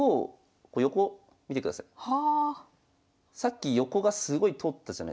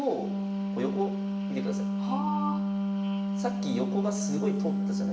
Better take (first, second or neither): first